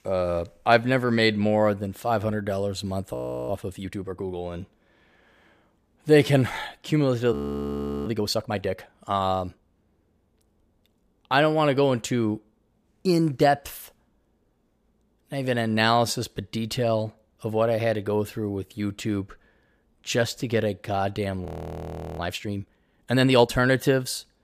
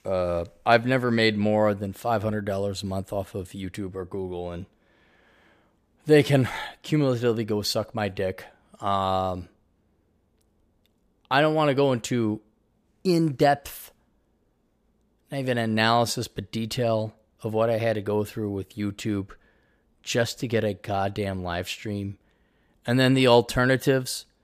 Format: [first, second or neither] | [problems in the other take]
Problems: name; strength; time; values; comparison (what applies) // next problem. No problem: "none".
second | audio freezing; at 3 s, at 7.5 s for 0.5 s and at 21 s for 0.5 s